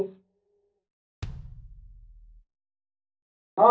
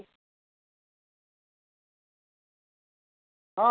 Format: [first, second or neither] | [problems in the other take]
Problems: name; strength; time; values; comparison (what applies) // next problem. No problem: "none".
second | background sound (Bass drum); 15 dB below the speech // room echo; dies away in 0.3 s